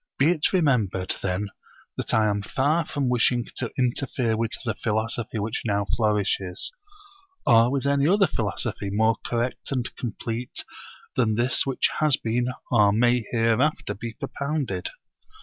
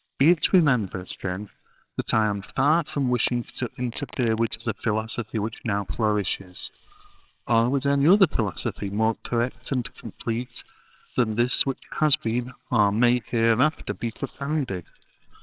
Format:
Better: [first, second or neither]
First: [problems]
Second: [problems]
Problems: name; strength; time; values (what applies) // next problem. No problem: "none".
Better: first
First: none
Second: noise reduction (neural separator model SepFormer WHAMR!)